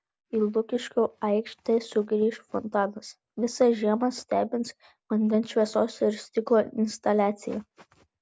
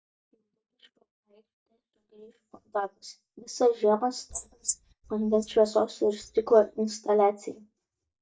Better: first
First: none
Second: noise reduction (neural mask model DeepFilterNet 3)

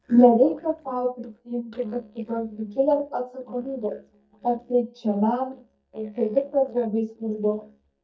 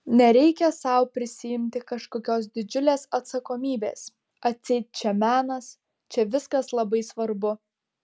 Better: second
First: noise reduction (neural mask model DeepFilterNet 3)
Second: none

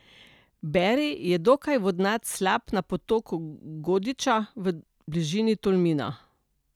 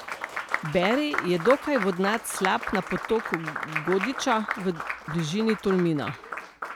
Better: first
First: none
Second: background sound (Applause); 7 dB below the speech

